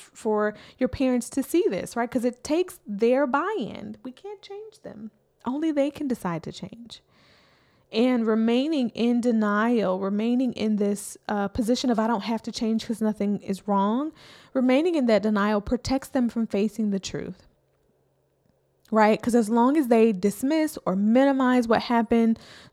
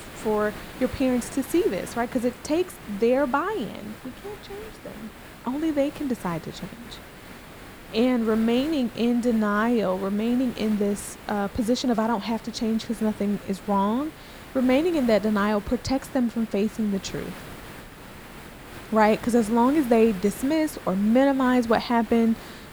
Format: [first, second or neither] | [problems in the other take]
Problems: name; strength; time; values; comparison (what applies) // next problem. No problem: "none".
first | hiss; noticeable; throughout; 15 dB below the speech